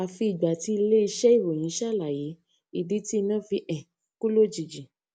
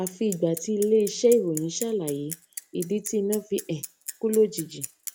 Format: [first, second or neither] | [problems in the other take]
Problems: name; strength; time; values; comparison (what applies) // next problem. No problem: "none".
first | background sound (Bicycle); 14 dB below the speech